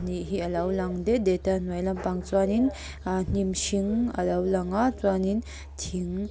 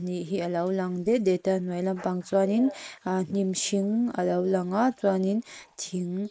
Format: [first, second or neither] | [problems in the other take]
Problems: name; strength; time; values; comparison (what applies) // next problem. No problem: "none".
first | noise reduction (neural mask model Resemble Enhance denoiser)